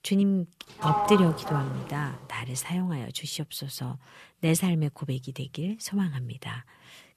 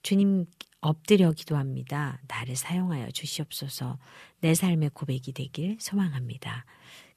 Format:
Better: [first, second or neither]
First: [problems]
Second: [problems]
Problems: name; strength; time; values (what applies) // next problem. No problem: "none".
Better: second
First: door banging; loud; from 1 to 2 s; peak 3 dB above the speech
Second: none